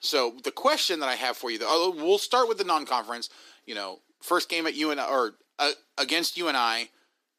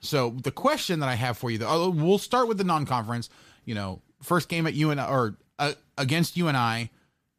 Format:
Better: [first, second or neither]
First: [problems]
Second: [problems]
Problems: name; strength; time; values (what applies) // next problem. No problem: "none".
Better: second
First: thin; very; fading below 300 Hz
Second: none